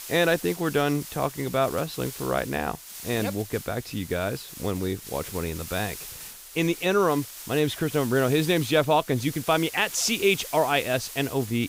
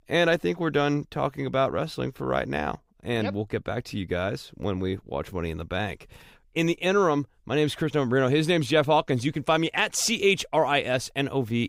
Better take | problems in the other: second | hiss; noticeable; throughout; 10 dB below the speech

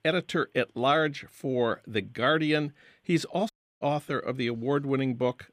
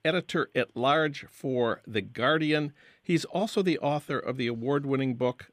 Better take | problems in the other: second | audio cutting out; at 3.5 s

